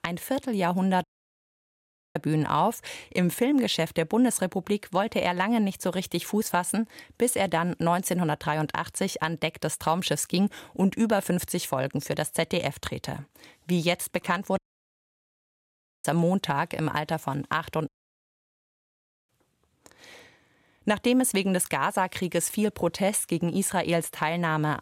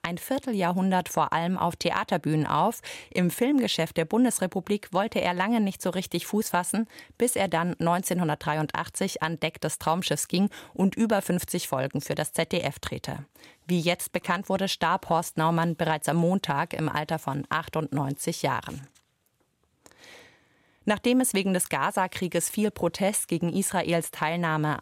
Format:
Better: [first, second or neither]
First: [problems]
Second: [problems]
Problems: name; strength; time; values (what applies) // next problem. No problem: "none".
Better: second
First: audio cutting out; at 1 s for 1 s, at 15 s for 1.5 s and at 18 s for 1.5 s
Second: none